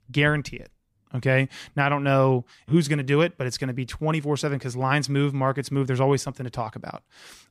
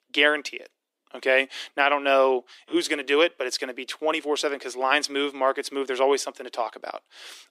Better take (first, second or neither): first